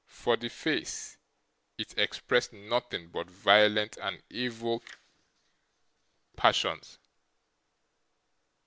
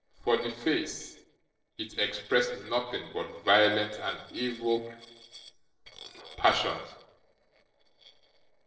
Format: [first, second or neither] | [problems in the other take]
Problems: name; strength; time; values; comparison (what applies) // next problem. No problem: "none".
first | noise reduction (neural separator model SepFormer DNS4)